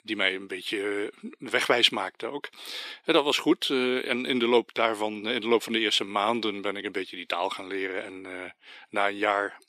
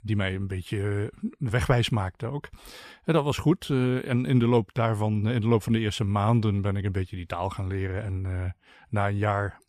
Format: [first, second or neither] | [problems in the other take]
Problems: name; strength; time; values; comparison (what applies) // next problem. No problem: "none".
second | thin; somewhat; fading below 300 Hz